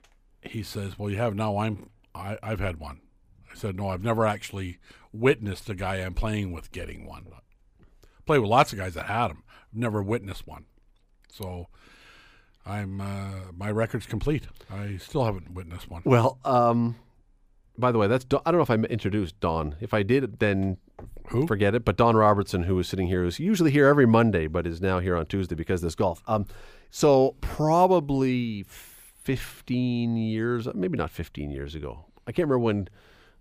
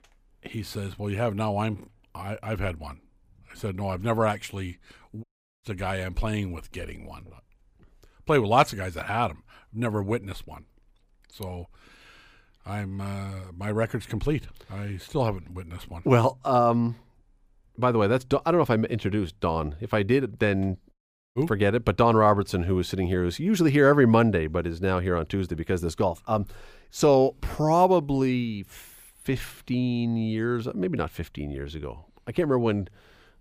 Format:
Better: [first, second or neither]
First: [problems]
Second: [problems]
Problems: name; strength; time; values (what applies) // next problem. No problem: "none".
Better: first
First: none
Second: audio cutting out; at 5 s and at 21 s